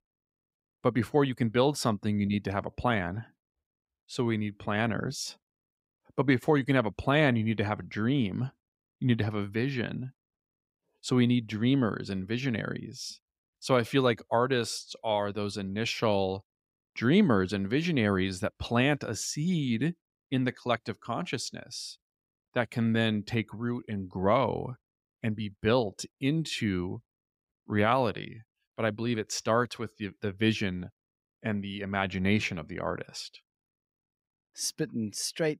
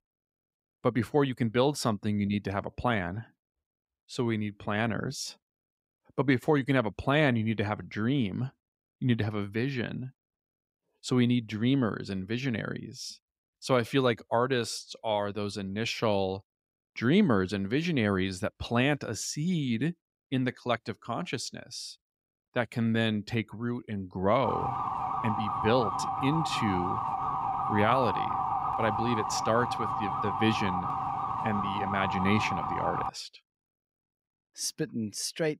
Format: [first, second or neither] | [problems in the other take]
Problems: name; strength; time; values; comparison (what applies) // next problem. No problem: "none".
first | siren; loud; from 24 to 33 s; peak level with the speech